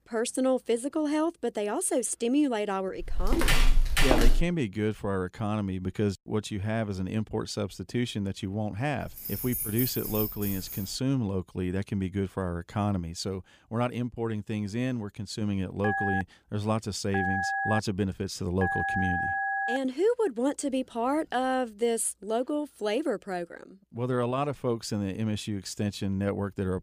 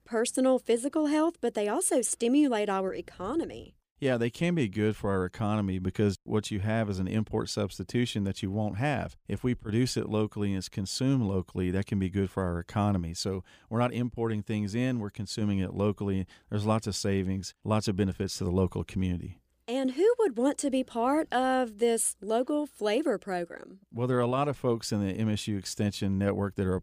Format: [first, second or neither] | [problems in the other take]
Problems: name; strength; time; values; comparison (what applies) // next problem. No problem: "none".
second | footsteps; loud; from 3 to 4.5 s; peak 6 dB above the speech // jangling keys; loud; from 9 to 11 s; peak level with the speech // phone ringing; loud; from 16 to 20 s; peak 2 dB above the speech